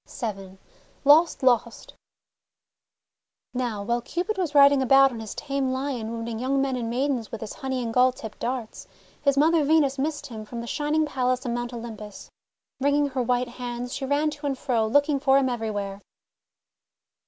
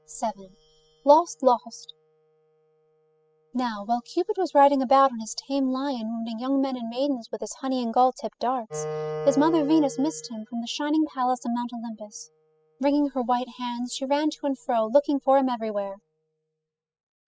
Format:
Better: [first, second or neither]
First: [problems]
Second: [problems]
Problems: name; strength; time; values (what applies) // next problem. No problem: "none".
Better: first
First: none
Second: noise reduction (classical method spectral subtraction)